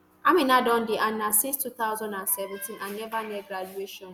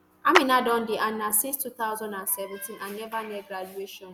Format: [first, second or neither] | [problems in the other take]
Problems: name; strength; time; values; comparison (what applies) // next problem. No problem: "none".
first | background sound (Clapping); 2 dB below the speech